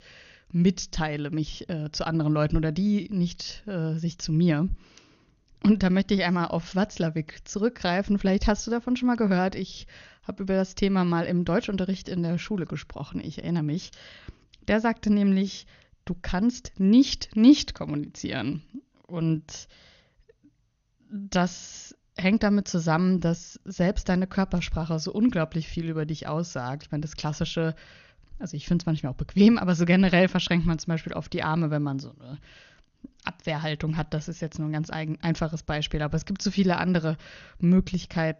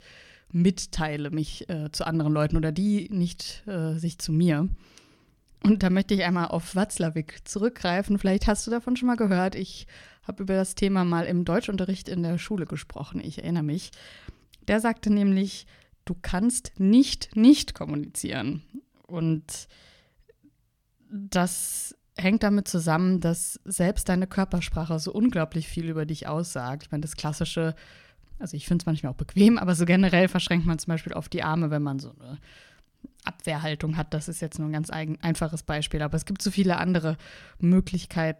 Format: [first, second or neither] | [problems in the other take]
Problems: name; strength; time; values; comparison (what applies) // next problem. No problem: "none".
second | garbled, watery; slightly; nothing above 6.5 kHz